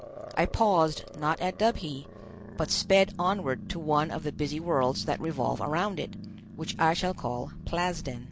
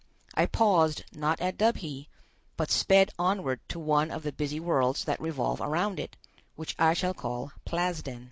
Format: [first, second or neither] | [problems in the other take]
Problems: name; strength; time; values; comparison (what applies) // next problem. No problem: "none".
second | background sound (Growling); 13 dB below the speech